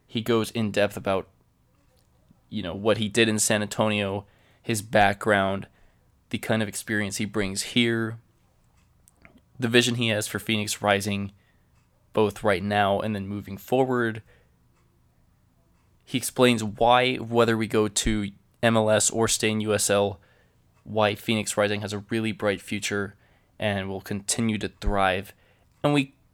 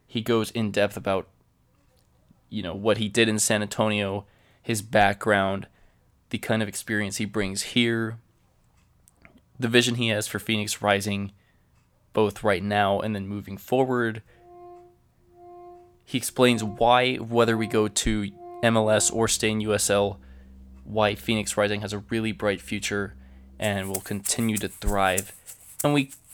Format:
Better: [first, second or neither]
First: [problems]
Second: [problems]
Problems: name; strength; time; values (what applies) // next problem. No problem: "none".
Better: first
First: none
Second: background music; noticeable; from 15 s on; 15 dB below the speech